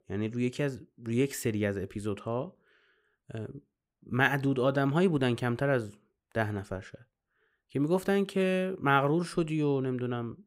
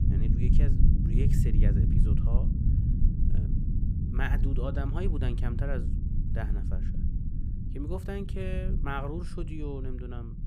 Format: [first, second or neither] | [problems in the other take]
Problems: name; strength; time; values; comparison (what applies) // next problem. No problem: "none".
first | low rumble; loud; throughout; 3 dB below the speech